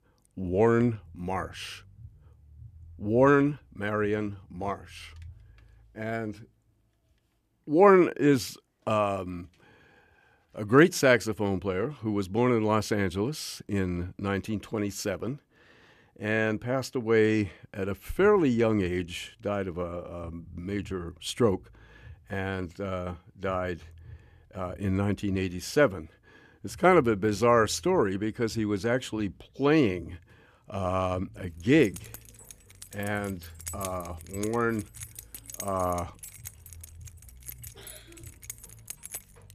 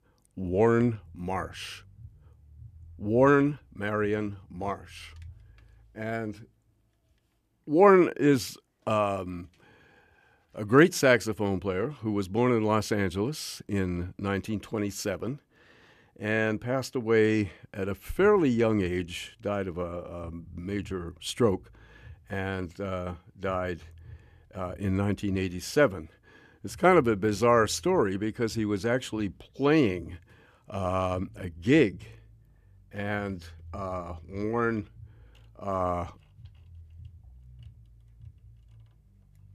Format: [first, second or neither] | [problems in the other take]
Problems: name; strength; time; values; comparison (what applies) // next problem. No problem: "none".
second | jangling keys; faint; from 32 s on; peak 10 dB below the speech